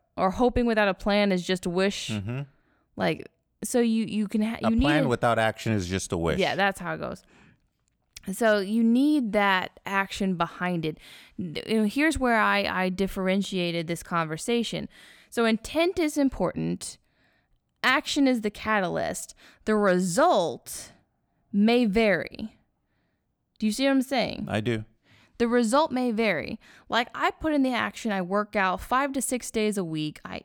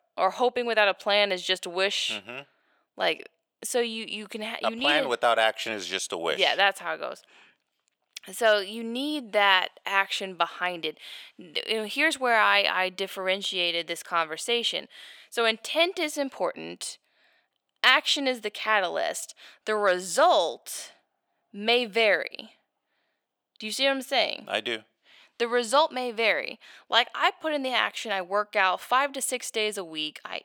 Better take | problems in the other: first | thin; somewhat; fading below 550 Hz

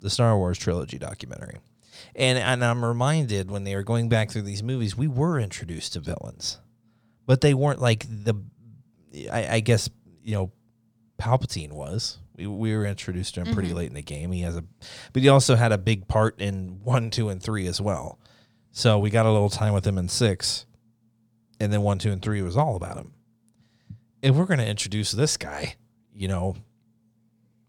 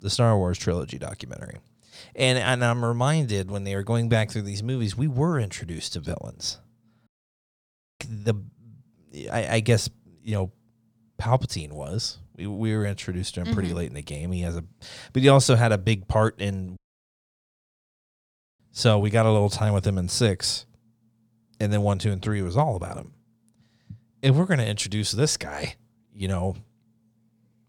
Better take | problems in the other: first | audio cutting out; at 7 s for 1 s and at 17 s for 2 s

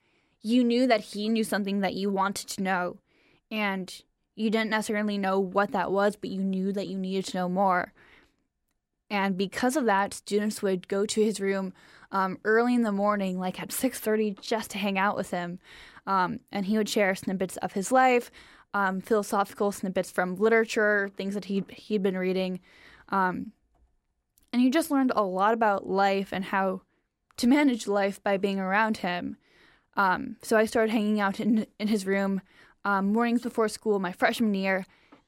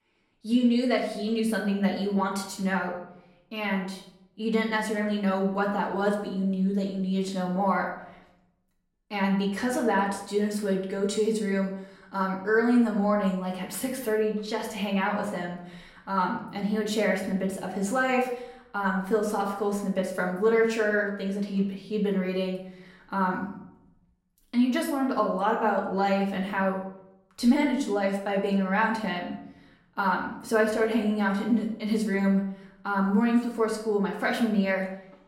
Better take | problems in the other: first | off-mic speech; far // room echo; slight; dies away in 0.7 s

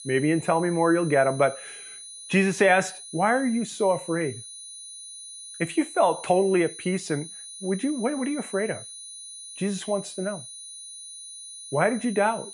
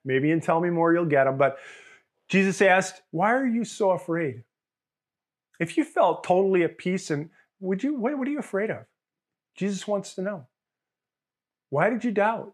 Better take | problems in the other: second | high-pitched whine; noticeable; throughout; 9.5 kHz, 15 dB below the speech

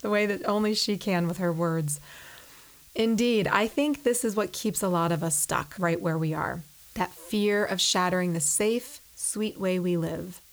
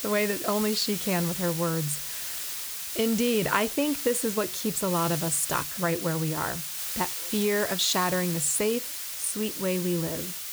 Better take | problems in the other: first | hiss; loud; throughout; 4 dB below the speech; faint in the first

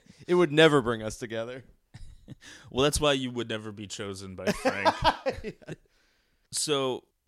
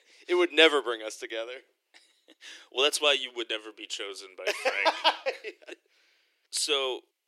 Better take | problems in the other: first | thin; very; fading below 350 Hz

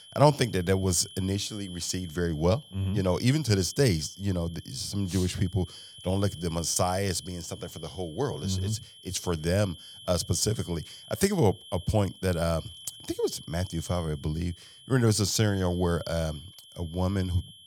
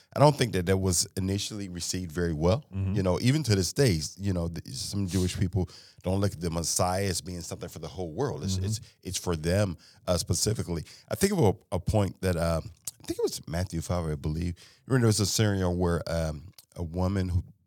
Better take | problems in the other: second | high-pitched whine; noticeable; throughout; 3 kHz, 15 dB below the speech

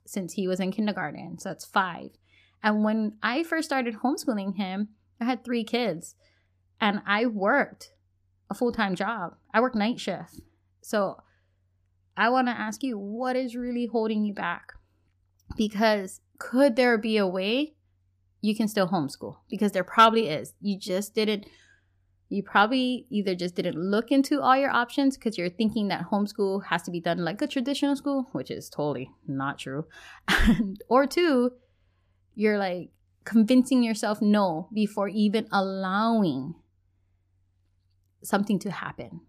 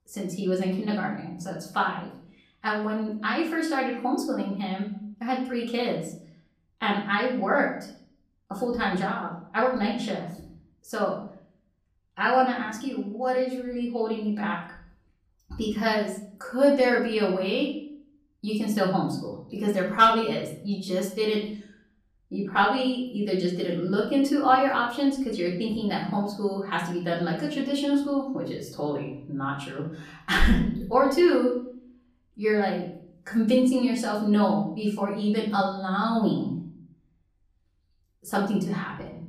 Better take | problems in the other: first | off-mic speech; far // room echo; slight; dies away in 0.5 s

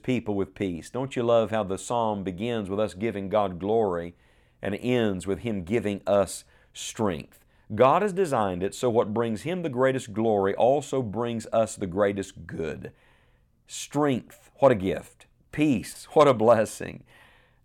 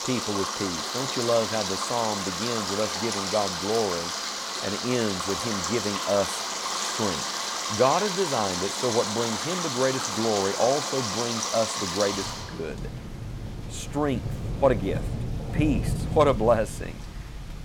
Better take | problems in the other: first | rain or running water; loud; throughout; 1 dB below the speech

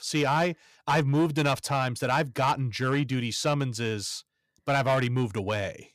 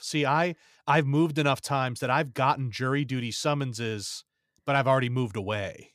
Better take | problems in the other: second | distortion; slight; 6% of the sound clipped

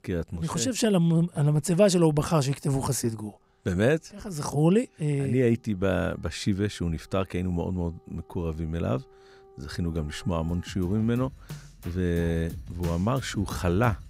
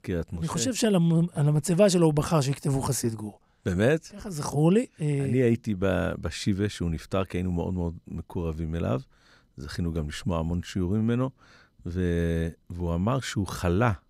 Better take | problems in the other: second | background music; noticeable; throughout; 15 dB below the speech

